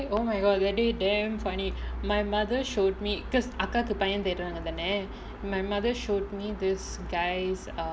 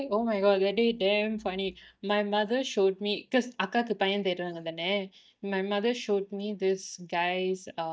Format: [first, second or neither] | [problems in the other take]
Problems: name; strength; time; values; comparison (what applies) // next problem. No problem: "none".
first | noise reduction (neural mask model DeepFilterNet 3)